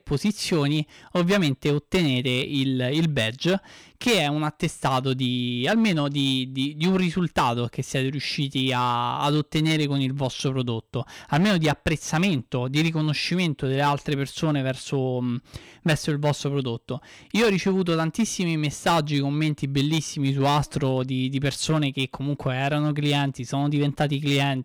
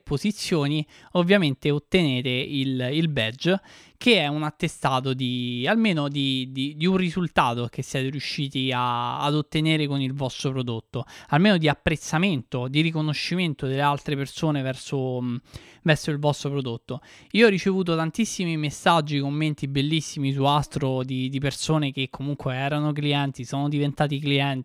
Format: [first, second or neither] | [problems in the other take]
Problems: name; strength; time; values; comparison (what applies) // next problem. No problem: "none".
second | distortion; slight; 6% of the sound clipped